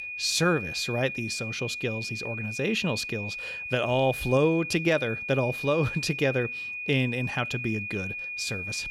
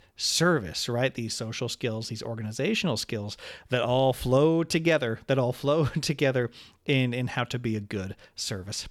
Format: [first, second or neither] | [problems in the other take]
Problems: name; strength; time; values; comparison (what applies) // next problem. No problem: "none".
second | high-pitched whine; loud; throughout; 2.5 kHz, 5 dB below the speech